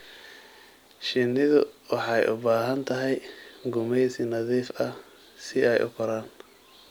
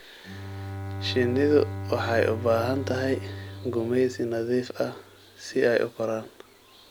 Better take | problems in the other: first | background sound (Bowed string instrument); 10 dB below the speech

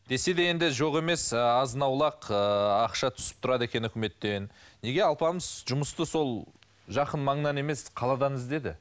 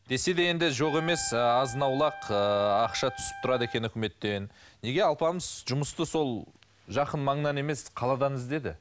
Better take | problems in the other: first | background sound (Trumpet); 13 dB below the speech

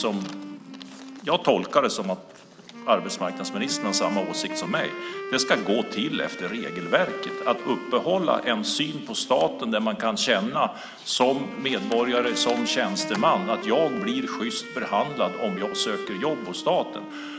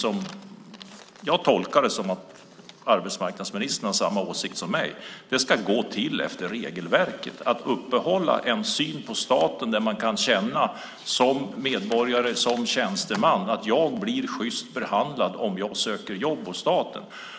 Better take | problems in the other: second | background sound (Wind instrument, woodwind instrument); 10 dB below the speech

